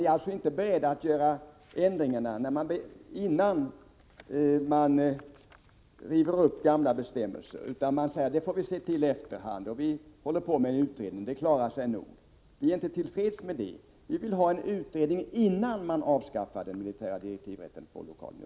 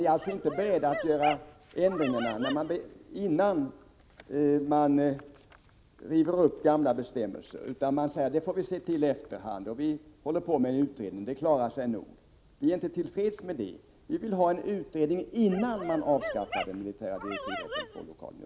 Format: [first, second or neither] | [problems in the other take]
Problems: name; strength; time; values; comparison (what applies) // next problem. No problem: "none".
first | background sound (Dog); 9 dB below the speech